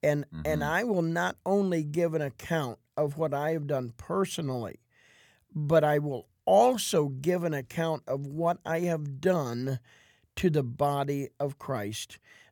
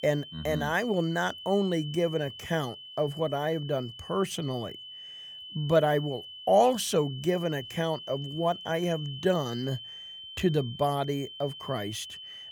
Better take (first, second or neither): first